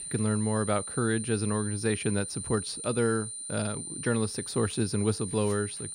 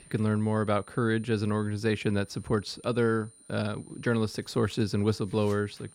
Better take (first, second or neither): second